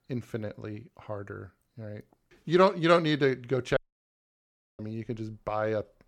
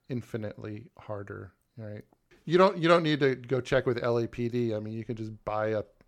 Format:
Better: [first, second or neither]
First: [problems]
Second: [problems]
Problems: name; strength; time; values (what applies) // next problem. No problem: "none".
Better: second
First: audio cutting out; at 4 s for 1 s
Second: none